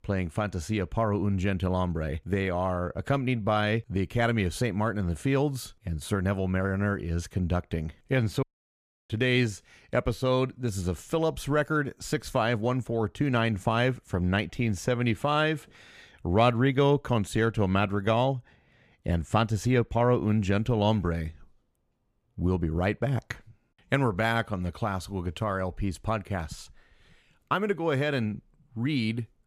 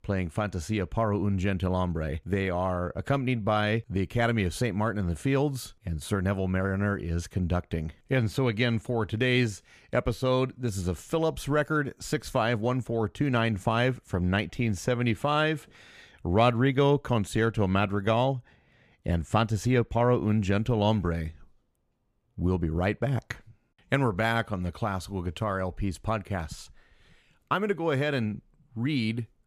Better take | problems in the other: second | audio cutting out; at 8.5 s for 0.5 s

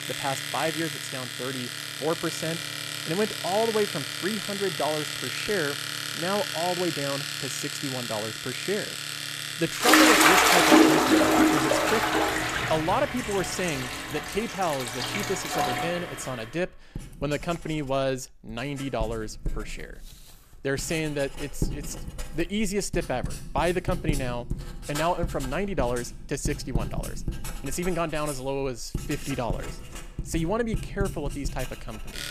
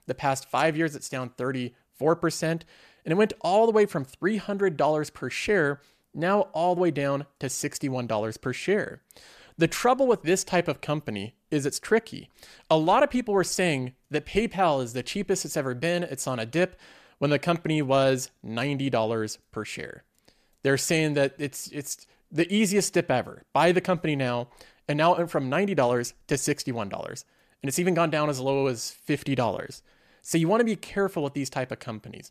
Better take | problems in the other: second | household noises; very loud; throughout; 4 dB above the speech

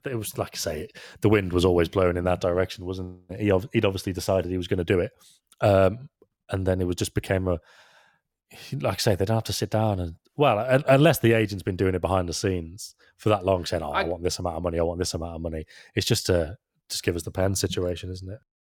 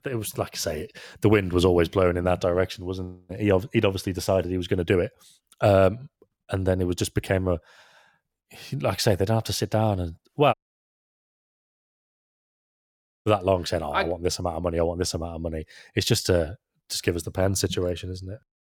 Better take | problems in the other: first | audio cutting out; at 11 s for 2.5 s

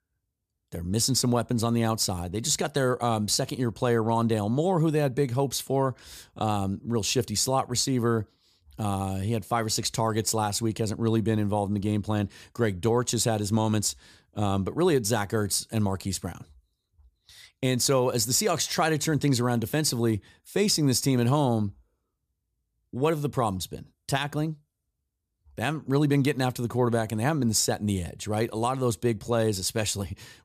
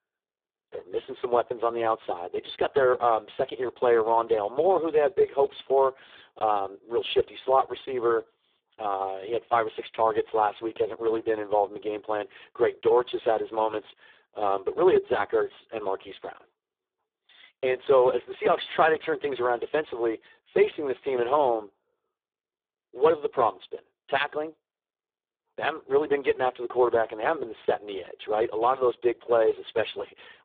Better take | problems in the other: first | phone-call audio; poor line

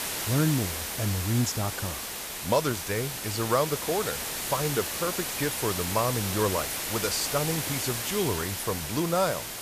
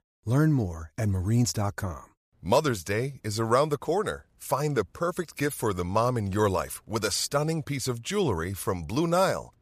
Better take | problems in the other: second | hiss; loud; throughout; 2 dB below the speech

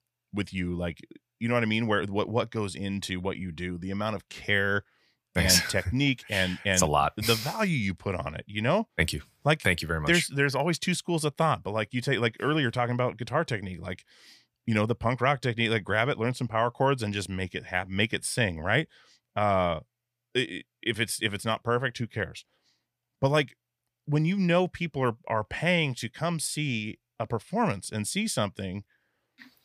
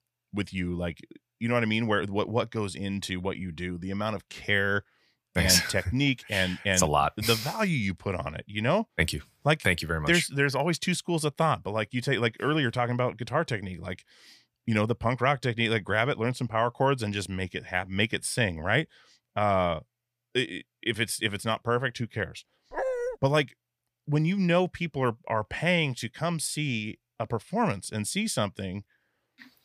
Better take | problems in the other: first | dog barking; noticeable; at 23 s; peak 3 dB below the speech

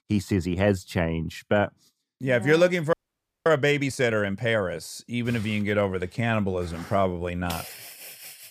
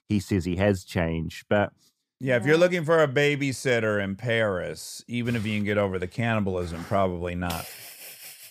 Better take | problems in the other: second | audio freezing; at 3 s for 0.5 s

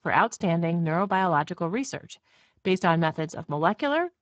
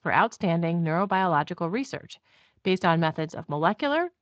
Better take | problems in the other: second | garbled, watery; badly; nothing above 7.5 kHz; slightly in the second

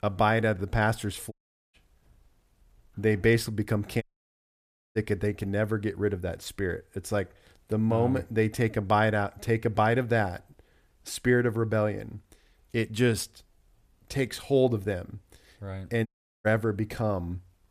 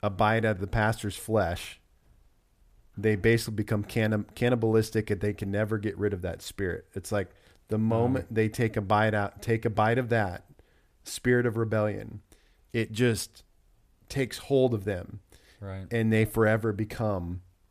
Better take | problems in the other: second | audio cutting out; at 1.5 s, at 4 s for 1 s and at 16 s

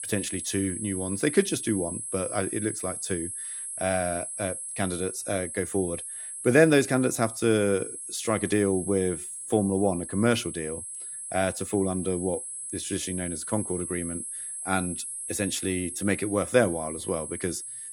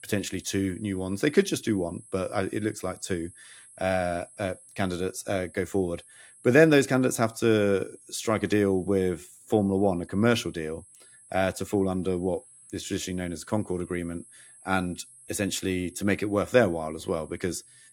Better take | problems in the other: second | high-pitched whine; loud; throughout; 10.5 kHz, 6 dB below the speech; faint in the second

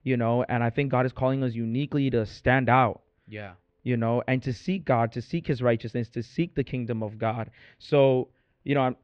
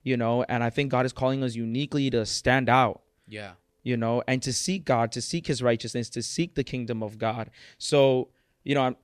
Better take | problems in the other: second | muffled; very; fading above 3 kHz

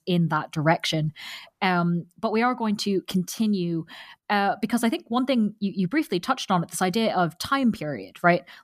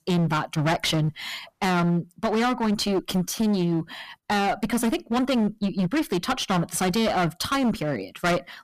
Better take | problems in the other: first | distortion; heavy; 23% of the sound clipped

